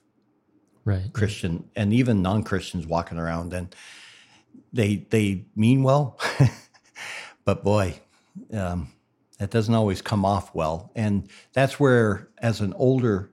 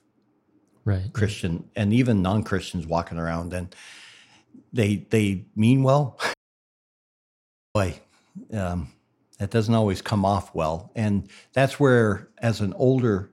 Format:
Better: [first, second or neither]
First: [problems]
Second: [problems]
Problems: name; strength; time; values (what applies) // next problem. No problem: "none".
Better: first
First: none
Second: audio cutting out; at 6.5 s for 1.5 s